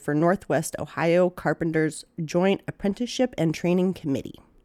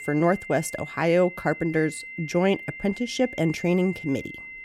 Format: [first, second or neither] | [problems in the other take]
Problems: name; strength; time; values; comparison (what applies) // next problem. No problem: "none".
first | high-pitched whine; noticeable; throughout; 2 kHz, 10 dB below the speech